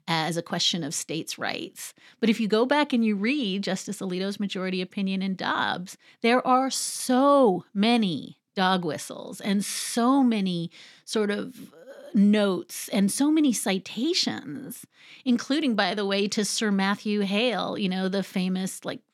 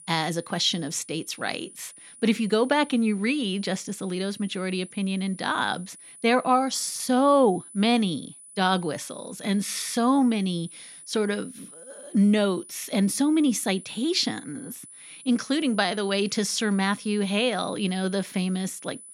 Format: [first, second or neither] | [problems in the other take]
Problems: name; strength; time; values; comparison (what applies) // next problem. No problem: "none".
first | high-pitched whine; noticeable; throughout; 10 kHz, 20 dB below the speech